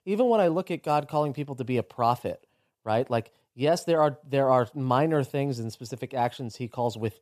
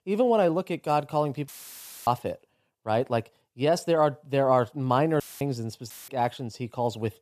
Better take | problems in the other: first | audio cutting out; filled with static; at 1.5 s for 0.5 s, at 5 s and at 6 s

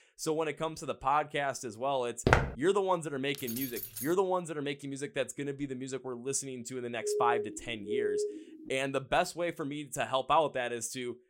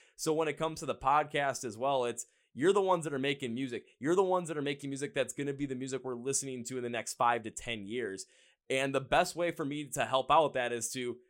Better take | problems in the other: second | footsteps; loud; at 2.5 s; peak 6 dB above the speech // jangling keys; noticeable; at 3.5 s; peak 4 dB below the speech // siren; loud; from 7 to 8.5 s; peak 1 dB above the speech

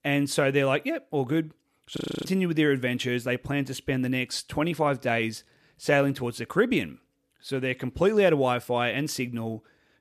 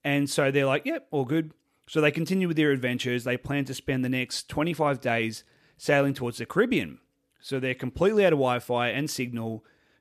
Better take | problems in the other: second | audio freezing; at 2 s

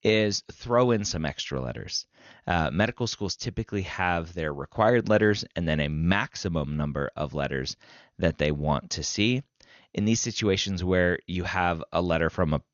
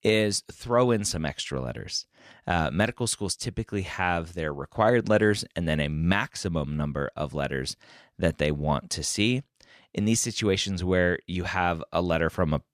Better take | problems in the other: second | garbled, watery; slightly; nothing above 6.5 kHz

